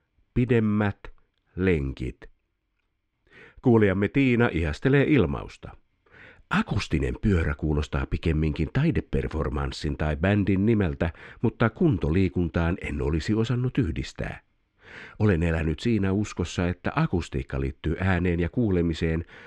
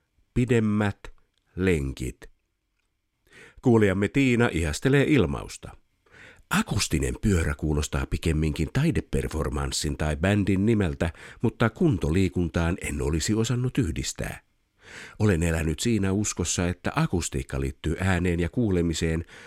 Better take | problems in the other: second | muffled; slightly; fading above 3 kHz

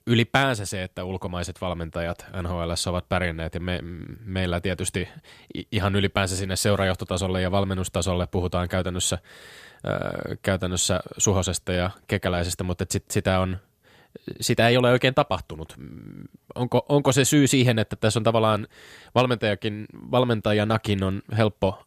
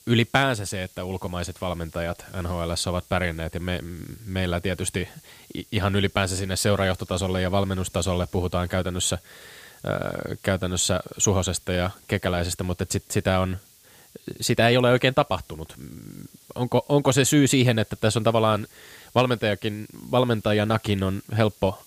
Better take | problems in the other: first | hiss; faint; throughout; 25 dB below the speech

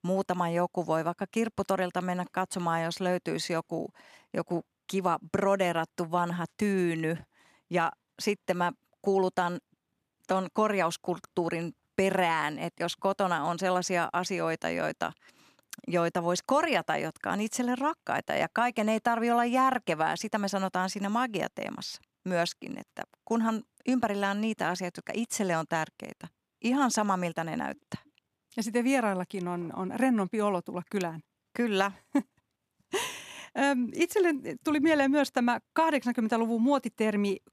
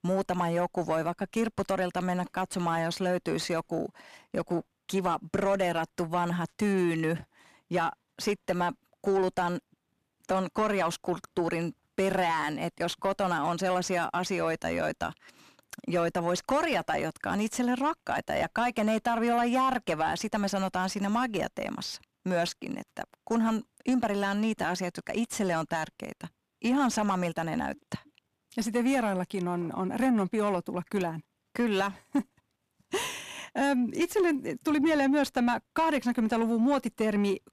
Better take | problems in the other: first | distortion; slight; 10 dB below the speech

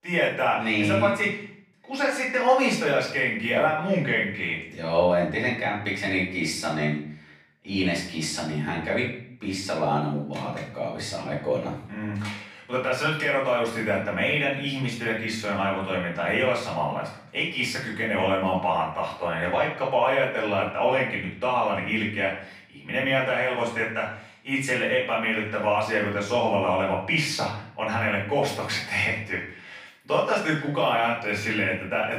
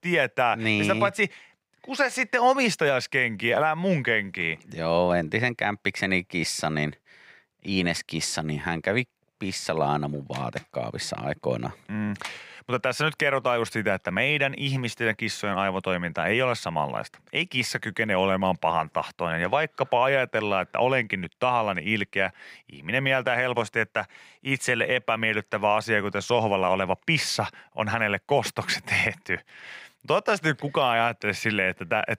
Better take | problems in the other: second | off-mic speech; far // room echo; noticeable; dies away in 0.5 s

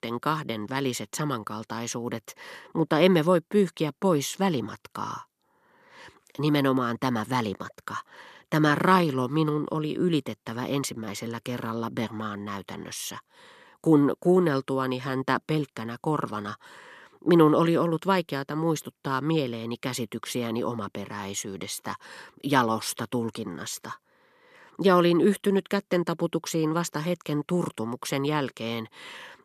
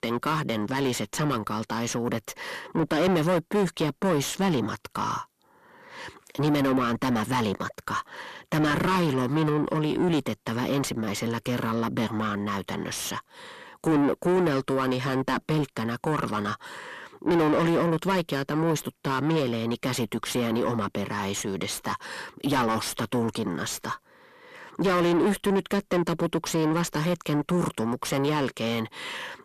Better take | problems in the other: first | distortion; heavy; 6 dB below the speech

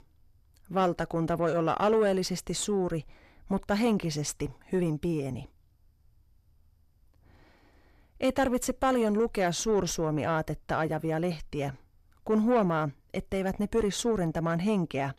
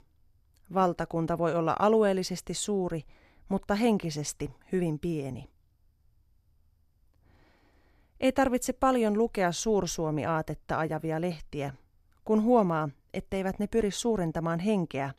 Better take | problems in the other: second | distortion; slight; 10 dB below the speech

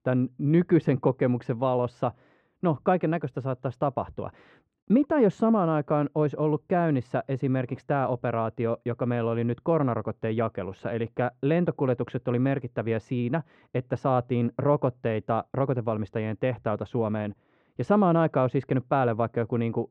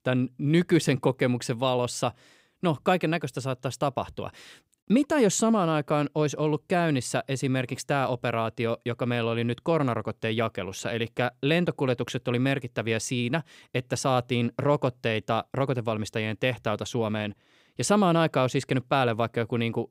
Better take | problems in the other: second | muffled; very; fading above 4 kHz

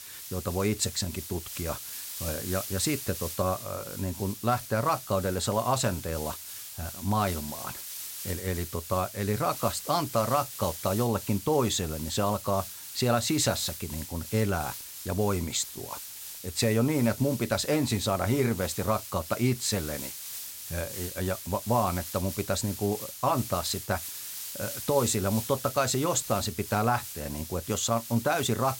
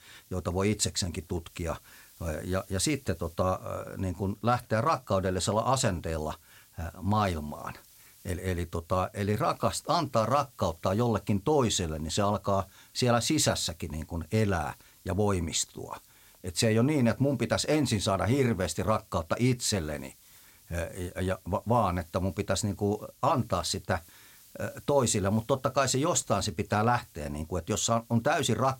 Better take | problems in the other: second | hiss; loud; throughout; 8 dB below the speech; faint in the second

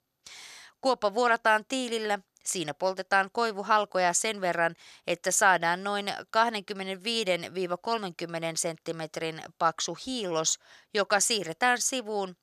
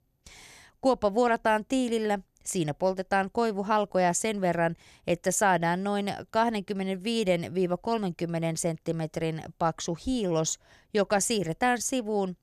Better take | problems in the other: second | thin; somewhat; fading below 550 Hz

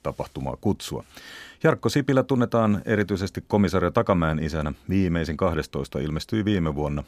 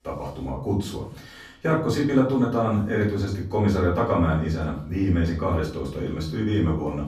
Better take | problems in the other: first | off-mic speech; far // room echo; noticeable; dies away in 0.5 s

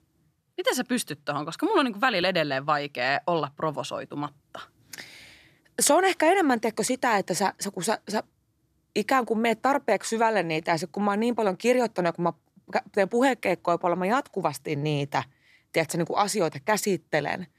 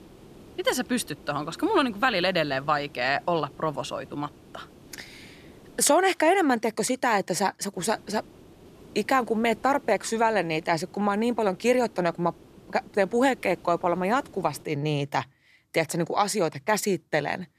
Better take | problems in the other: first | hiss; faint; until 6 s and from 8 to 15 s; 25 dB below the speech

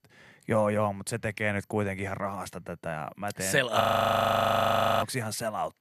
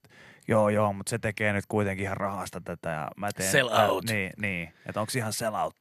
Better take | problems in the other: second | audio freezing; at 4 s for 1 s

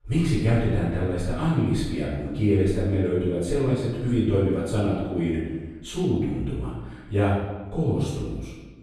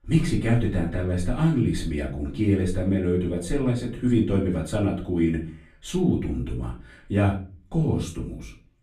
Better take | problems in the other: second | room echo; strong; dies away in 1.1 s; slight in the second // off-mic speech; far; far in the second

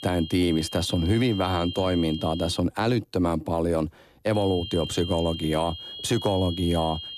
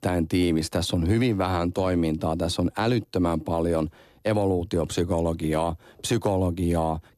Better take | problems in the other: second | high-pitched whine; noticeable; until 2.5 s and from 4.5 s on; 3.5 kHz, 10 dB below the speech

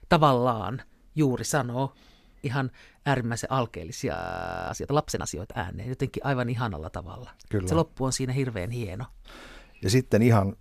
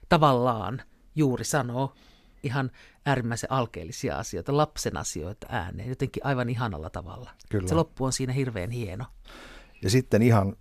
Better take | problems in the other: second | audio freezing; at 4 s for 0.5 s

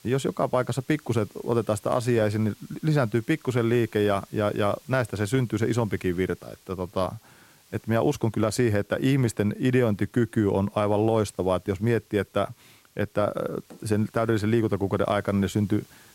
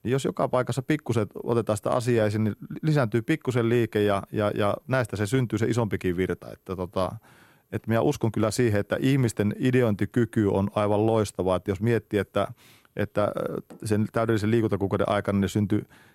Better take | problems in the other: second | hiss; faint; throughout; 30 dB below the speech

